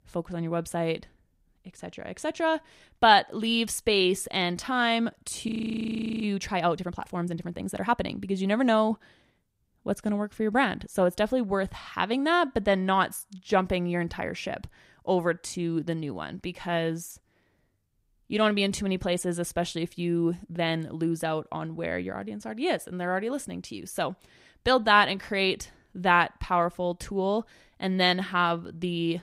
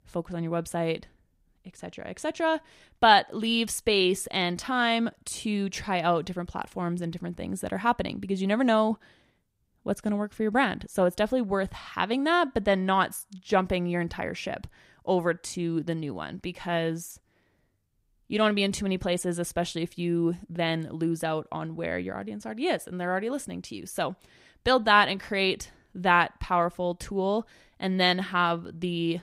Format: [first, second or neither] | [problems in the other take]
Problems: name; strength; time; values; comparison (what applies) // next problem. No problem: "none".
second | audio freezing; at 5.5 s for 1 s